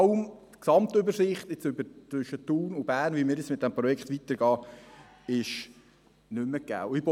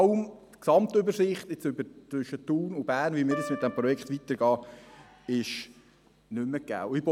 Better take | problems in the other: first | background sound (Piano); 12 dB below the speech

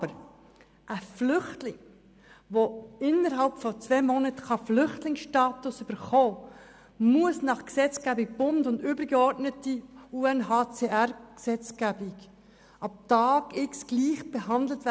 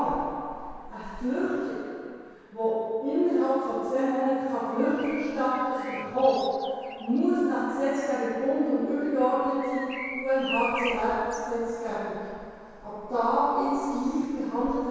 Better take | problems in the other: first | background sound (Bird vocalization, bird call, bird song); 16 dB below the speech // room echo; dies away in 2.2 s

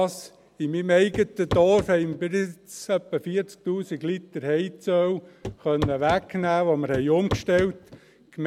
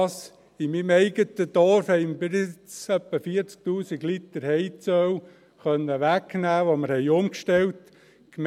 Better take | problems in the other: second | background sound (Walk, footsteps / Run / Wood); 9 dB below the speech

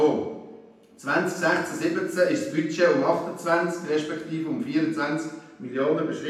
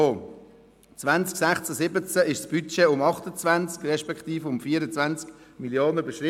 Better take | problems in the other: second | room echo; dies away in 0.9 s

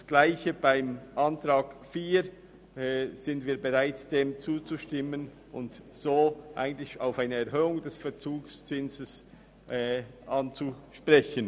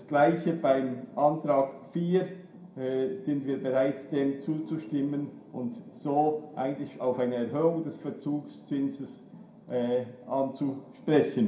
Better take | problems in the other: first | room echo; dies away in 0.5 s

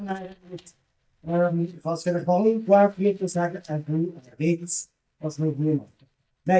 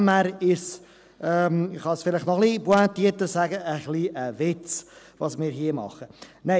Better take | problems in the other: second | noise reduction (neural mask model DeepFilterNet 3)

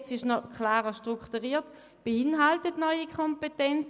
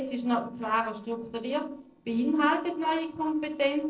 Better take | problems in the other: first | noise reduction (neural separator model SepFormer DNS4)

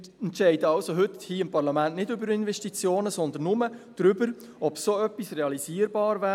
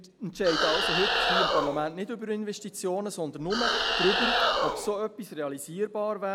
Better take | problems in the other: first | background sound (Animal); 3 dB above the speech

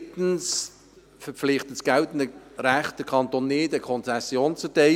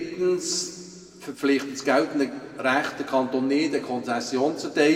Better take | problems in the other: first | room echo; dies away in 1.8 s

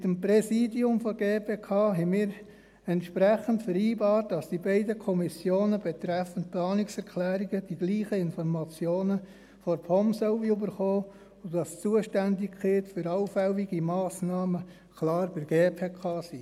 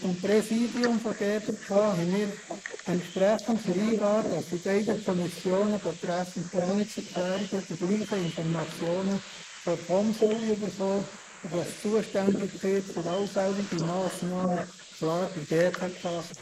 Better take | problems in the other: first | noise reduction (neural mask model Resemble Enhance denoiser)

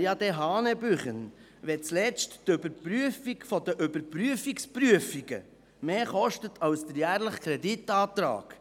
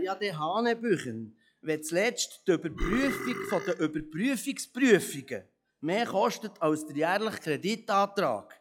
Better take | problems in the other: first | noise reduction (classical method log-MMSE)

